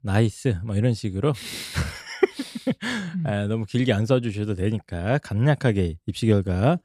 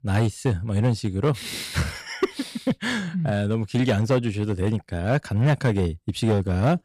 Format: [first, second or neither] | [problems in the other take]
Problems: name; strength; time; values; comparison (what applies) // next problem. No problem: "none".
first | distortion; slight; 5% of the sound clipped